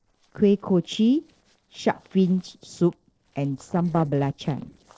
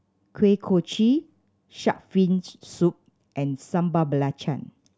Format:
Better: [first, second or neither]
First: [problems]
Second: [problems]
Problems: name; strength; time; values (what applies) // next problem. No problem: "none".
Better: second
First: noise reduction (neural separator model SepFormer DNS4)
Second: none